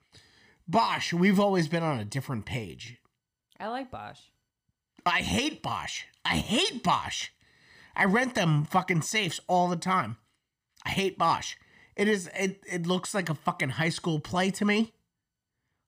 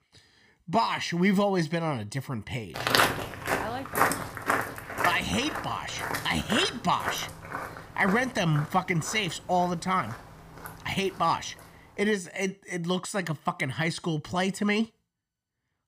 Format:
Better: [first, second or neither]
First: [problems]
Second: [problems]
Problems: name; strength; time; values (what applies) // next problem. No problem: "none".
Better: first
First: none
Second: footsteps; loud; from 3 to 11 s; peak 6 dB above the speech